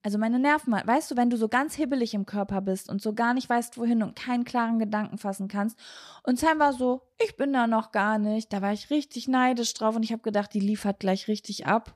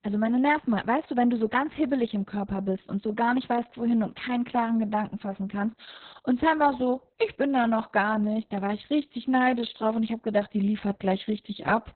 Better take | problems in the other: first | garbled, watery; badly; nothing above 4 kHz

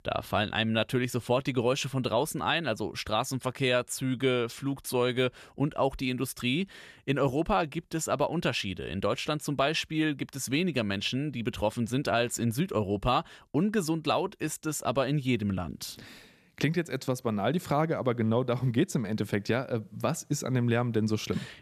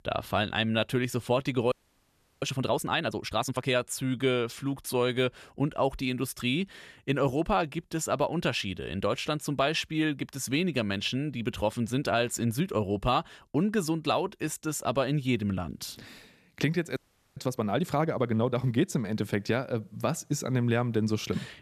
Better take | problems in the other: first | audio freezing; at 1.5 s for 0.5 s and at 17 s

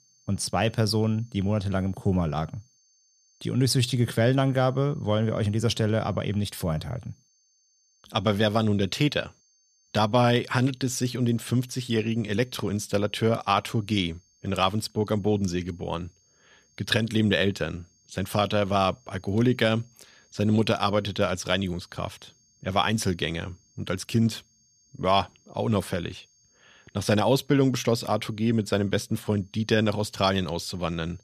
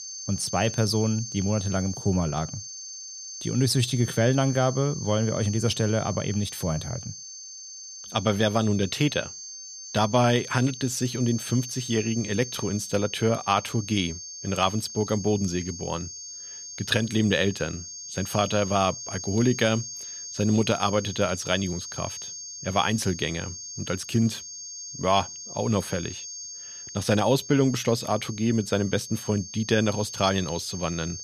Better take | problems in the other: first | high-pitched whine; loud; throughout; 6.5 kHz, 10 dB below the speech; faint in the first

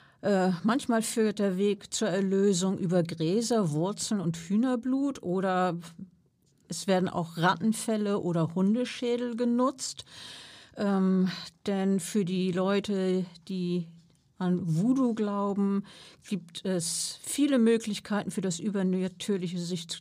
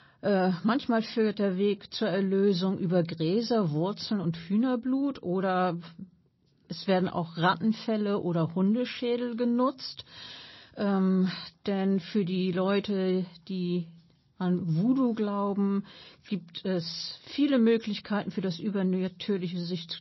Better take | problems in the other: first | garbled, watery; slightly; nothing above 5.5 kHz

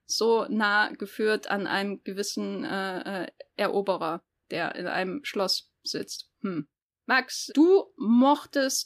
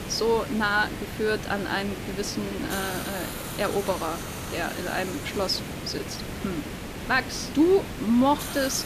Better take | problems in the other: first | hiss; loud; throughout; 7 dB below the speech

